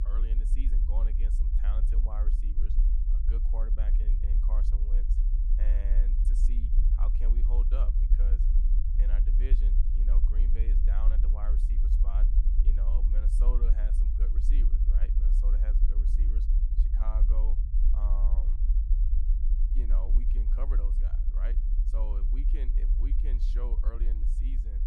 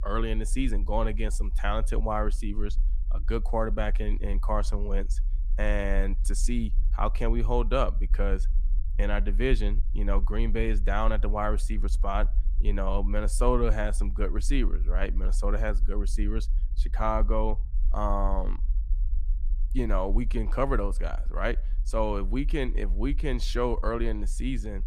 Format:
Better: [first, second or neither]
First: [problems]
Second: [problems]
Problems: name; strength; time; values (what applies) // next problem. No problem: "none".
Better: second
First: low rumble; loud; throughout; 2 dB below the speech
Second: low rumble; faint; throughout; 25 dB below the speech